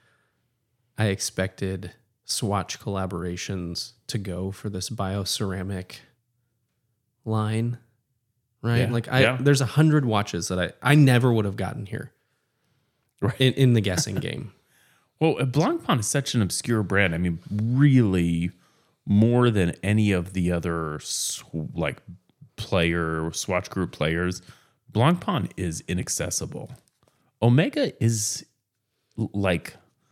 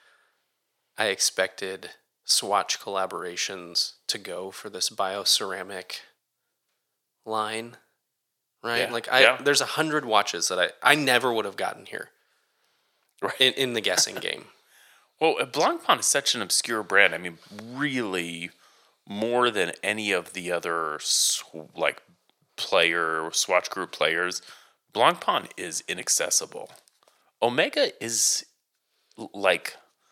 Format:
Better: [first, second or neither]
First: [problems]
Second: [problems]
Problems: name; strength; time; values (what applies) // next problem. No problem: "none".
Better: first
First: none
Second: thin; very; fading below 650 Hz